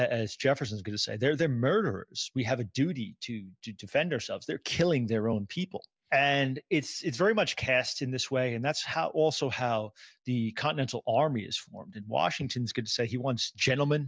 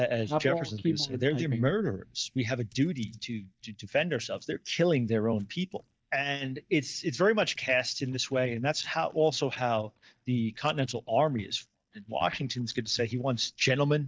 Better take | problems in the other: first | noise reduction (neural mask model DeepFilterNet 3)

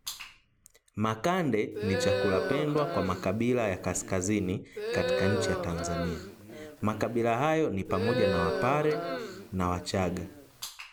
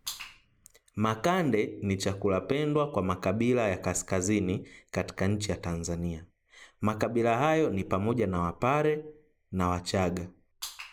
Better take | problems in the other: second | background sound (Crowd); 4 dB below the speech

